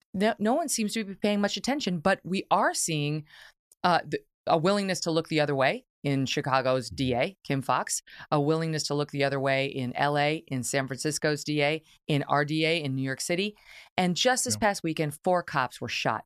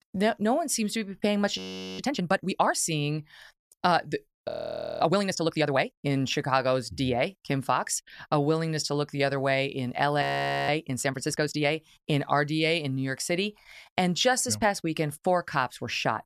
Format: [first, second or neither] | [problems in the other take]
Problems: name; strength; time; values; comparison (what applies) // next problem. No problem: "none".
first | audio freezing; at 1.5 s, at 4.5 s for 0.5 s and at 10 s